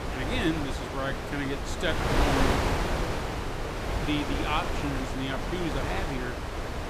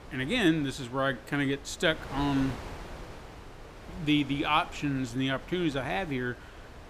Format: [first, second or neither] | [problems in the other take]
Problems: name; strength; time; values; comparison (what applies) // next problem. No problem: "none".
second | wind noise on the microphone; heavy; 2 dB above the speech; occasional gusts in the second